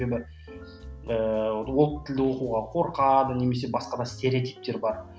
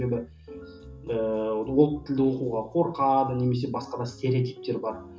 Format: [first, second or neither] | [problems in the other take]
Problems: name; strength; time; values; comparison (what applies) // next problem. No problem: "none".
first | room echo; dies away in 0.2 s